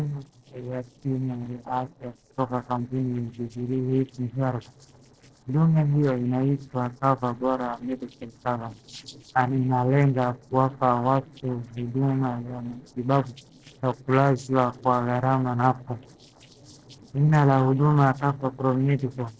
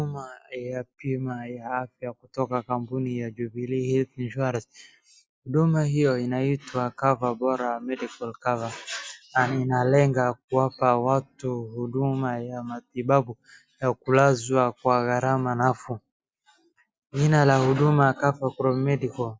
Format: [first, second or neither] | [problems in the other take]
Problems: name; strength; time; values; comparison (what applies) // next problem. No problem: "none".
second | noise reduction (neural separator model SepFormer DNS4)